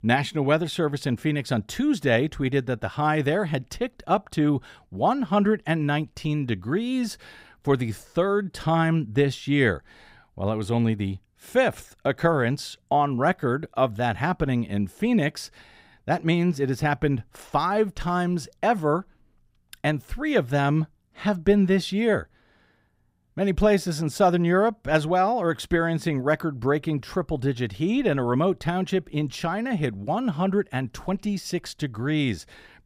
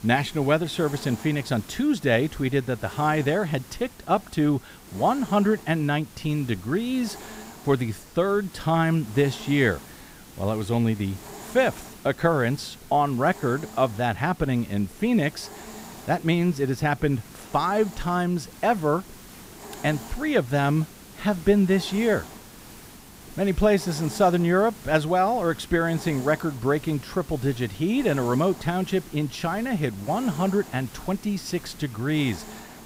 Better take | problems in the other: first | hiss; noticeable; throughout; 20 dB below the speech

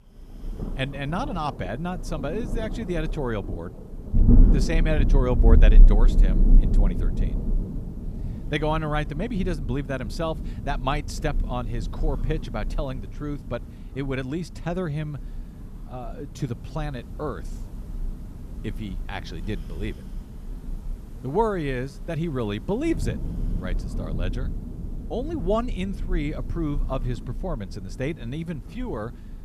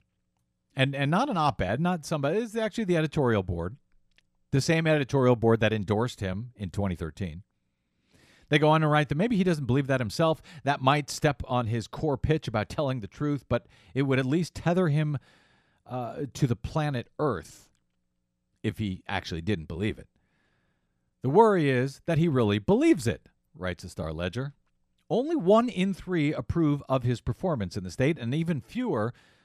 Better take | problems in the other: second | rain or running water; very loud; throughout; 3 dB above the speech

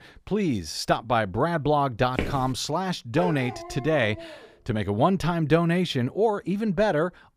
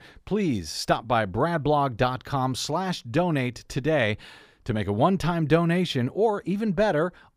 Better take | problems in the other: second | footsteps; noticeable; at 2 s; peak 6 dB below the speech // dog barking; noticeable; from 3 to 4.5 s; peak 8 dB below the speech

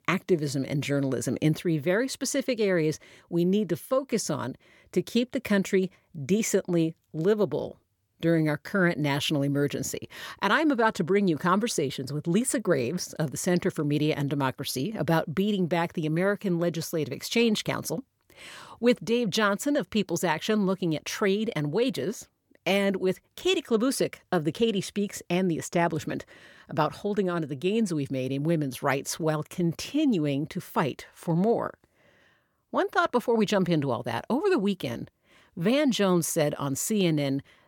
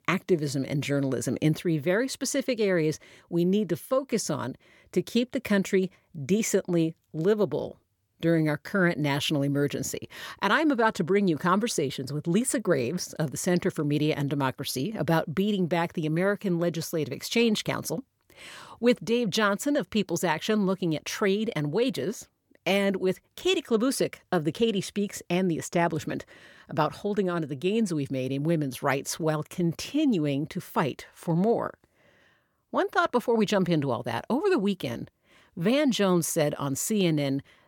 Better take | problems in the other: neither | none

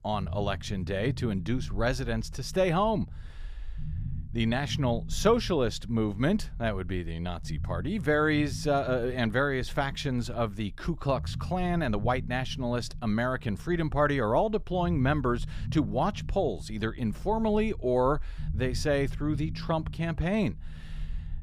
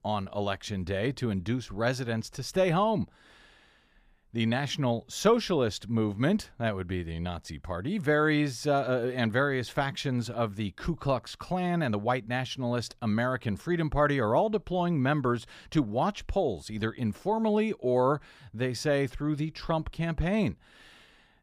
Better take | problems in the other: second | low rumble; faint; throughout; 20 dB below the speech

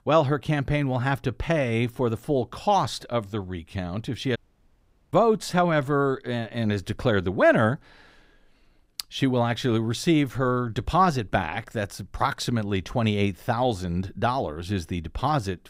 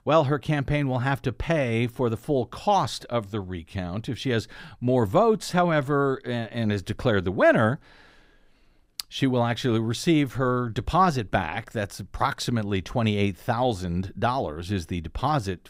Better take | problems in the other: second | audio cutting out; at 4.5 s for 1 s

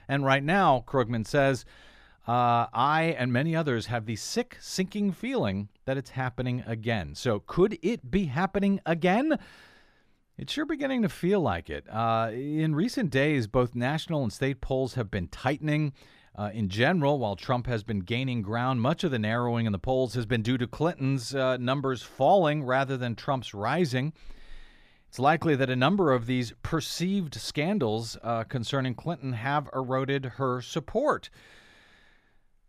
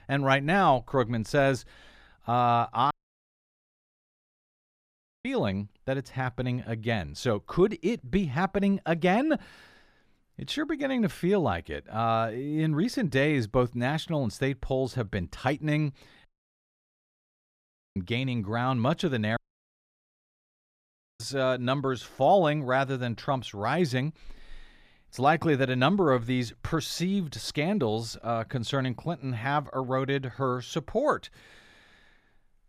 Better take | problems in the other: first | audio cutting out; at 3 s for 2.5 s, at 16 s for 1.5 s and at 19 s for 2 s

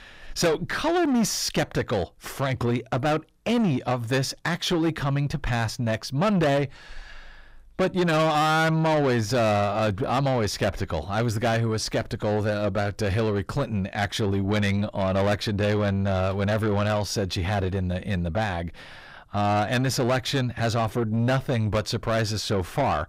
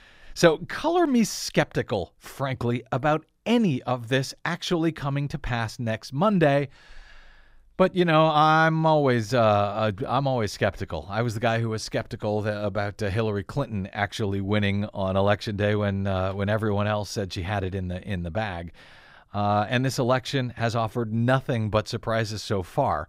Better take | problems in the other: second | distortion; heavy; 8 dB below the speech

